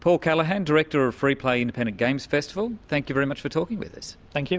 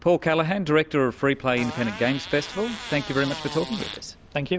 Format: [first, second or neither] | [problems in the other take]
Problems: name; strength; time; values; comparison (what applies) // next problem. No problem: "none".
first | background sound (Fart); 12 dB below the speech